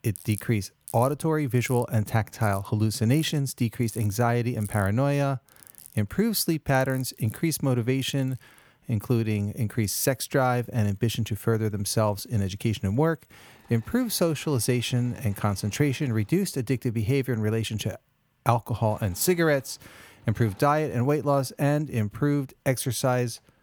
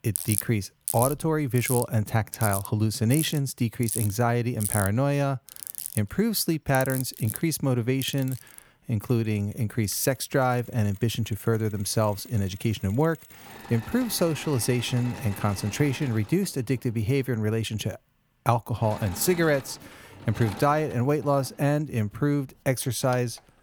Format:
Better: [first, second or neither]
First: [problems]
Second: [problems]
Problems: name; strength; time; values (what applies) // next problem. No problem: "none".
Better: first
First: machinery noise; faint; throughout; 20 dB below the speech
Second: machinery noise; loud; throughout; 9 dB below the speech